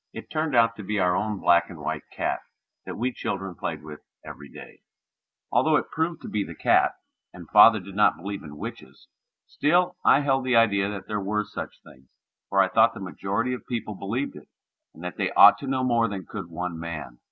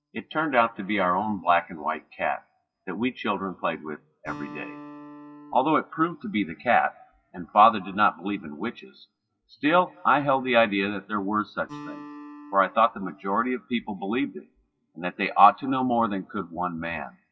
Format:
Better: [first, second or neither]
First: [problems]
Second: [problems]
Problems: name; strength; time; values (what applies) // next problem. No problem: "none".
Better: first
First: none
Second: noise reduction (classical method WPE with log-MMSE)